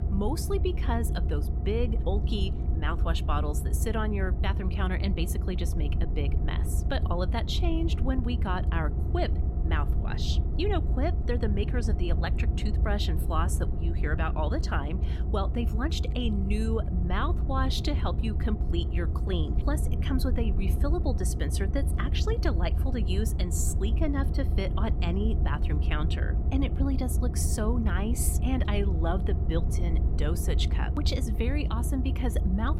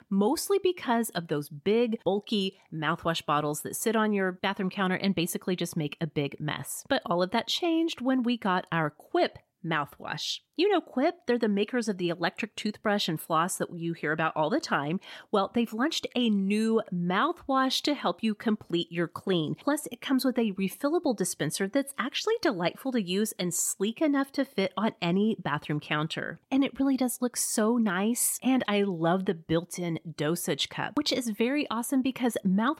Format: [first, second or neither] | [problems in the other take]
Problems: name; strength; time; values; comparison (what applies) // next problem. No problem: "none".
second | low rumble; loud; throughout; 8 dB below the speech